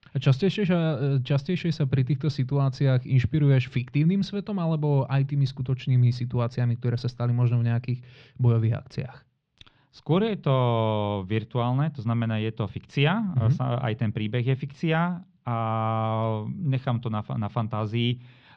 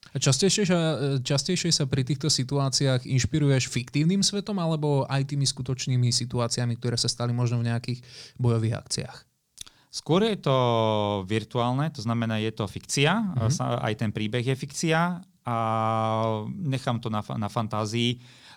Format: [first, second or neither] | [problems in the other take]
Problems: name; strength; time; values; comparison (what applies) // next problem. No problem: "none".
second | muffled; very; fading above 3 kHz